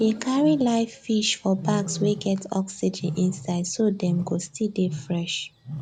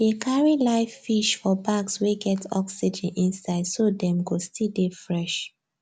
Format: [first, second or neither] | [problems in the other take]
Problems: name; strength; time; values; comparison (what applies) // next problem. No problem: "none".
second | background sound (Wild animals); 11 dB below the speech